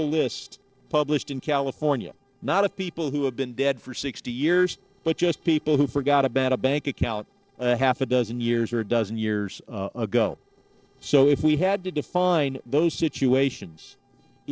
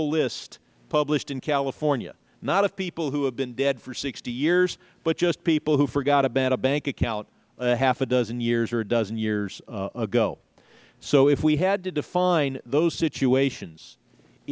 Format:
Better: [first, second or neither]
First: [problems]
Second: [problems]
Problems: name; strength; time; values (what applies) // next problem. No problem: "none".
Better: second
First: noise reduction (neural separator model SepFormer DNS4)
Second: none